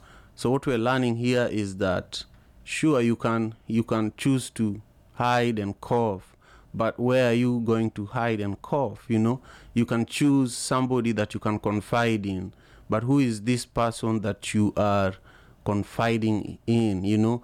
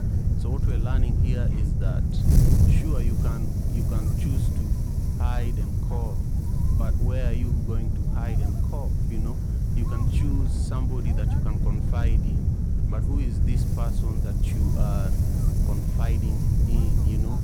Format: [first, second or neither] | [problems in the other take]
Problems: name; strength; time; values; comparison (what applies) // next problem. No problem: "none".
first | wind noise on the microphone; heavy; 3 dB above the speech